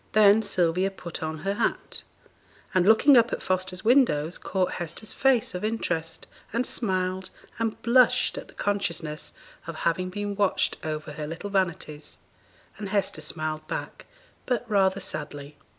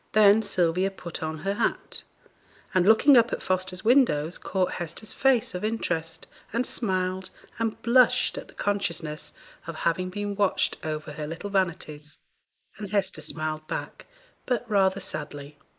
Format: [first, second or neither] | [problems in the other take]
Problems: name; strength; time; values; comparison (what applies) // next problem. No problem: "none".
first | noise reduction (neural mask model Resemble Enhance denoiser)